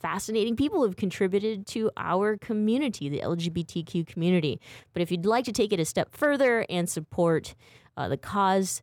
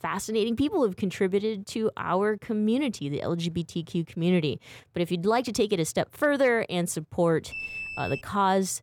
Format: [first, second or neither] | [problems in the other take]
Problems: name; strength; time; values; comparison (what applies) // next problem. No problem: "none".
first | alarm; noticeable; at 7.5 s; peak 6 dB below the speech